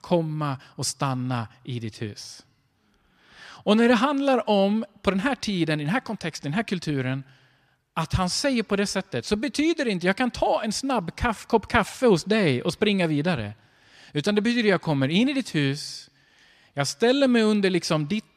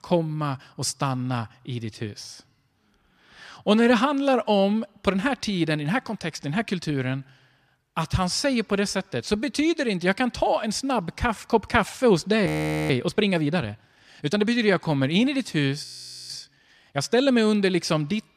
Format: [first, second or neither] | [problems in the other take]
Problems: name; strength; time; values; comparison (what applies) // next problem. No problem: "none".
first | audio freezing; at 12 s and at 16 s